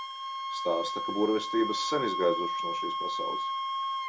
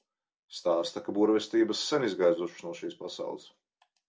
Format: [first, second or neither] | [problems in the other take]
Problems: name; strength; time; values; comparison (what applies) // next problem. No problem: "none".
second | background sound (Wind instrument, woodwind instrument); as loud as the speech